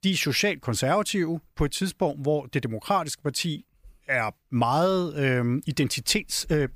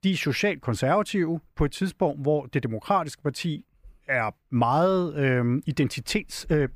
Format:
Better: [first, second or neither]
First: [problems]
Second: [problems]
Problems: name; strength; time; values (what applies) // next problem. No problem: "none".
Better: first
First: none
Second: muffled; slightly; fading above 3 kHz